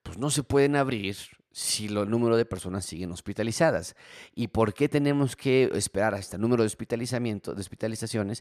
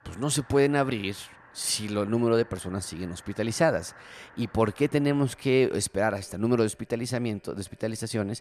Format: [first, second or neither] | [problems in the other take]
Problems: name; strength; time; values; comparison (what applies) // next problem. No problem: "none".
first | household noises; faint; throughout; 25 dB below the speech